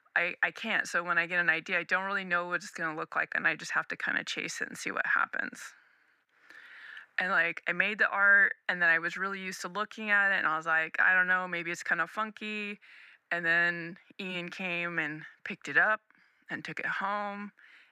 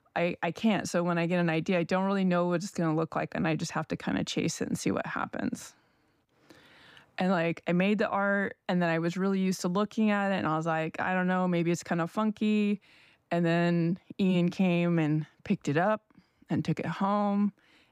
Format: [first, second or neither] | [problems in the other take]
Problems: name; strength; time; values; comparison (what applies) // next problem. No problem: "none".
second | thin; very; fading below 700 Hz